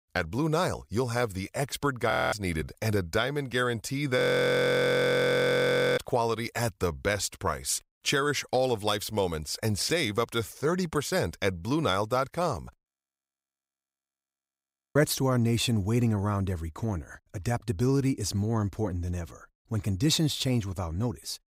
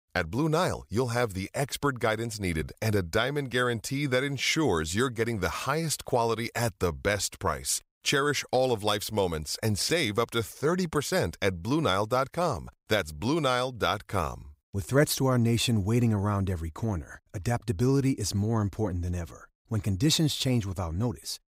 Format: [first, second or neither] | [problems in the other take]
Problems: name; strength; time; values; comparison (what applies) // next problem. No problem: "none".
second | audio freezing; at 2 s, at 4 s for 2 s and at 13 s for 2 s